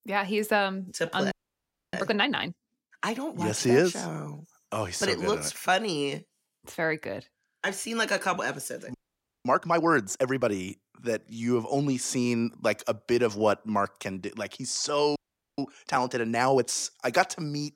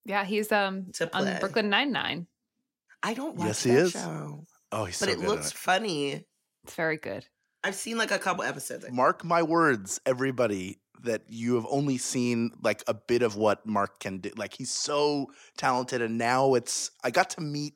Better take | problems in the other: second | audio freezing; at 1.5 s for 0.5 s, at 9 s for 0.5 s and at 15 s

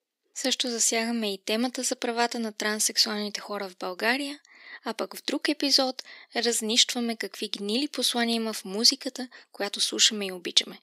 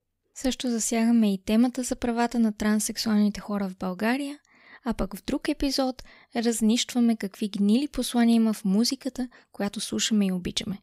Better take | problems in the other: second | thin; somewhat; fading below 300 Hz

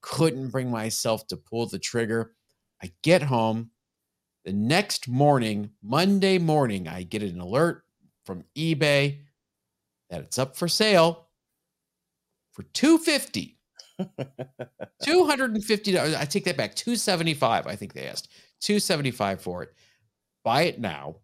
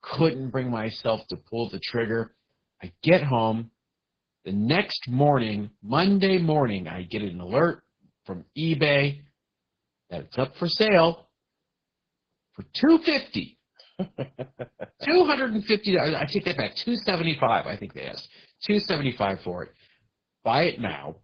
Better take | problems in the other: first | garbled, watery; badly

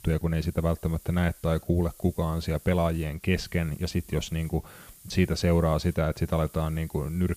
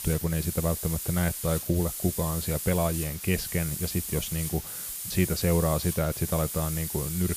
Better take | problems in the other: first | hiss; loud; throughout; 4 dB below the speech; faint in the first

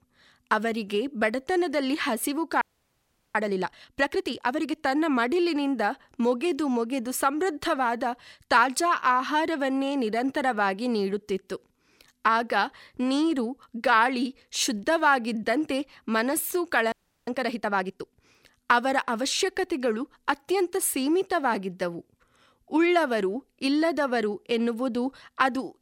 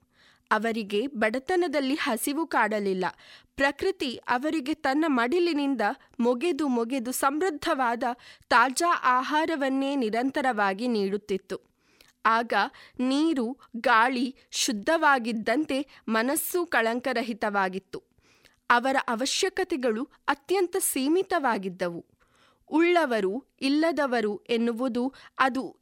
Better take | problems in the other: second | audio freezing; at 2.5 s for 0.5 s and at 17 s

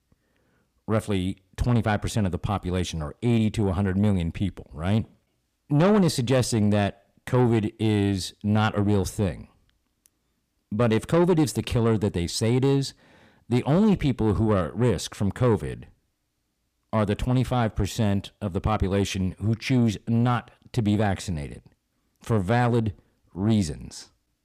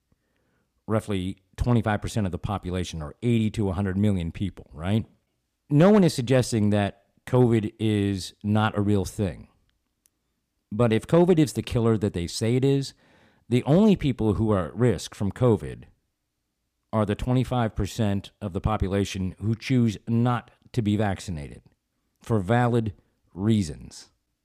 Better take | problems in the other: second | distortion; slight; 10 dB below the speech

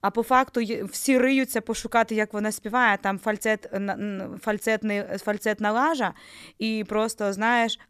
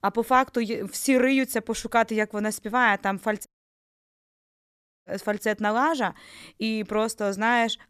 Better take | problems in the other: first | audio cutting out; at 3.5 s for 1.5 s

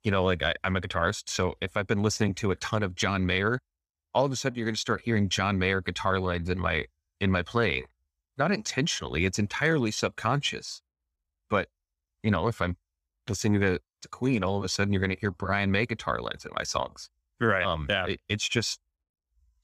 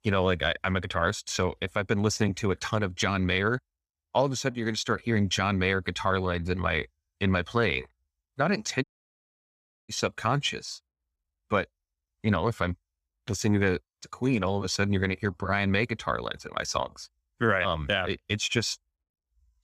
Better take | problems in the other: first | audio cutting out; at 9 s for 1 s

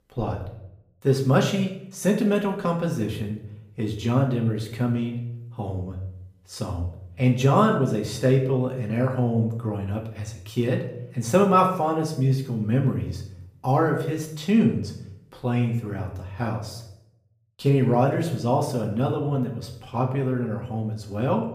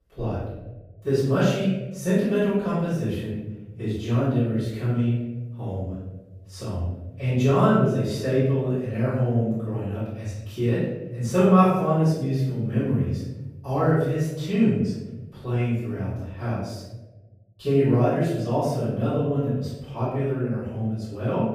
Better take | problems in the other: first | room echo; strong; dies away in 1.1 s; slight in the first // off-mic speech; far; somewhat distant in the first

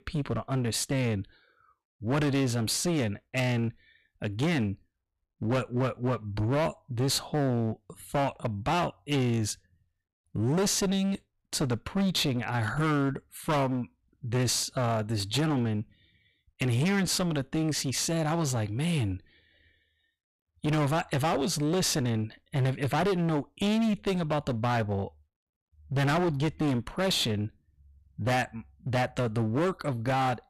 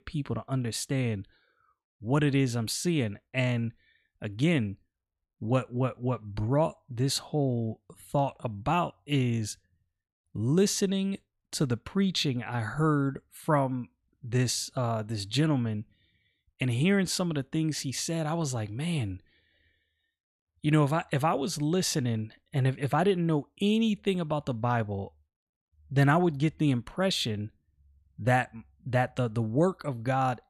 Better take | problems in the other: second | distortion; heavy; 18% of the sound clipped

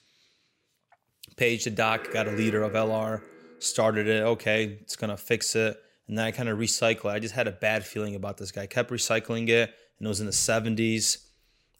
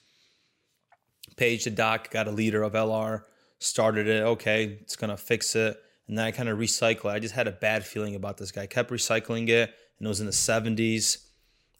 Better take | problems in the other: second | alarm; noticeable; from 2 to 3.5 s; peak 8 dB below the speech

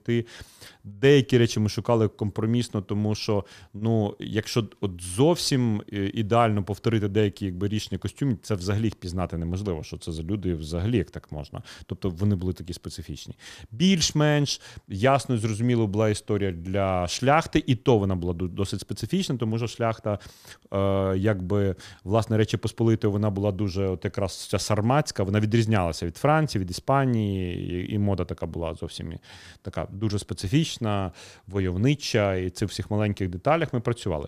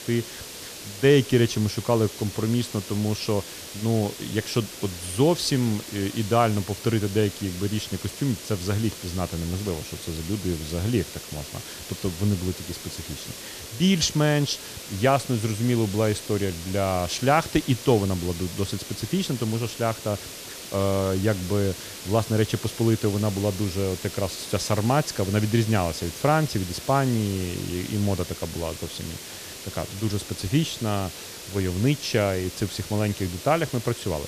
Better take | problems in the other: first | hiss; noticeable; throughout; 10 dB below the speech

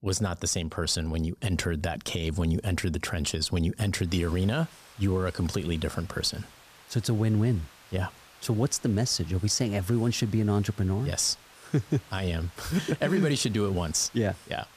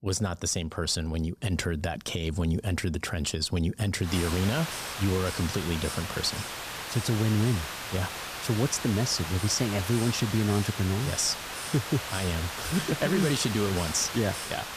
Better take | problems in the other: first | hiss; loud; from 4 s on; 6 dB below the speech; faint in the first

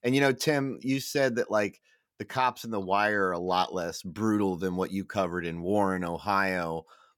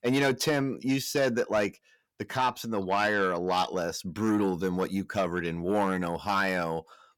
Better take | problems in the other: first | distortion; slight; 10 dB below the speech

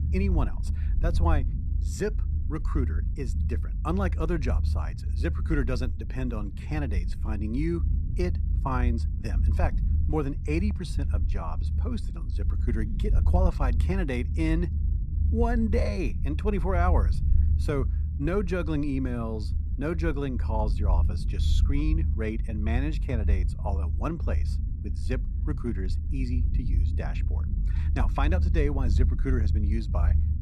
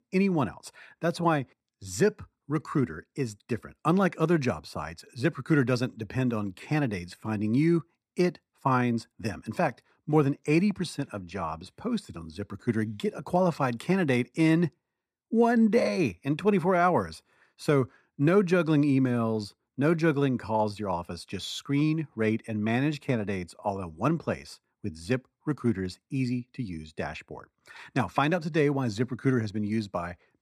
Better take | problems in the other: second | low rumble; noticeable; throughout; 10 dB below the speech

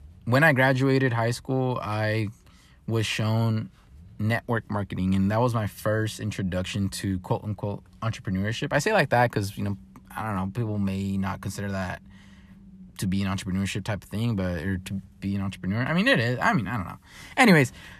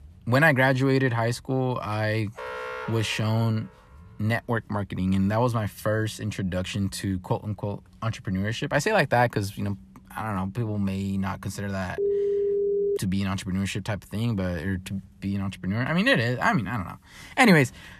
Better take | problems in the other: first | alarm; noticeable; from 2.5 to 3.5 s; peak 8 dB below the speech // phone ringing; loud; at 12 s; peak 1 dB above the speech

